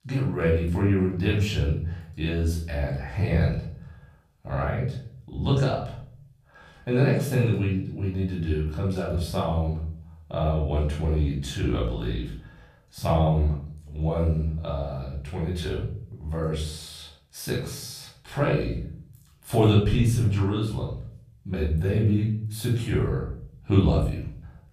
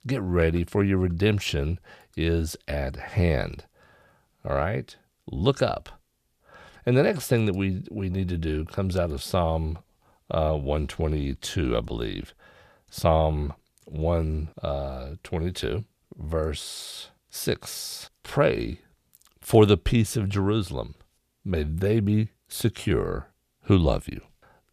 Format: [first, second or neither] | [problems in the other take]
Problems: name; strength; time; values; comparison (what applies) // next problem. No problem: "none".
second | off-mic speech; far // room echo; noticeable; dies away in 0.6 s